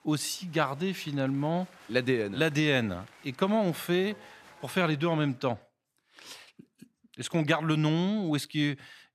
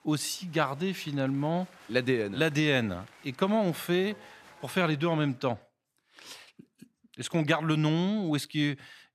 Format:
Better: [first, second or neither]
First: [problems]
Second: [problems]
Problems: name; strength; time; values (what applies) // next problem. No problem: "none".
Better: neither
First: crowd noise; faint; until 5.5 s; 25 dB below the speech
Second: crowd noise; faint; until 5.5 s; 25 dB below the speech